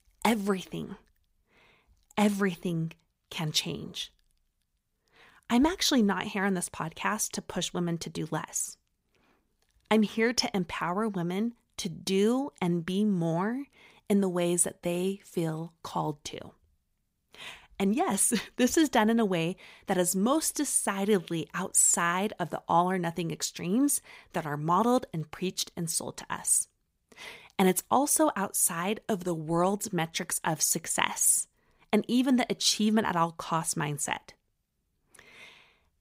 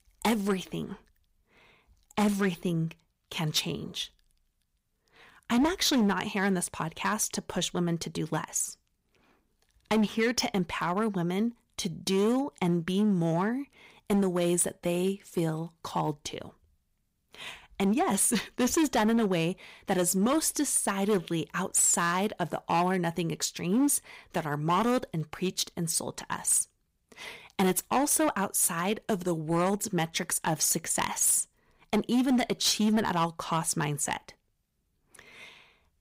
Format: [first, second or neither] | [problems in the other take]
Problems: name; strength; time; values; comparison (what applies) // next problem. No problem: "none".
first | distortion; slight; 5% of the sound clipped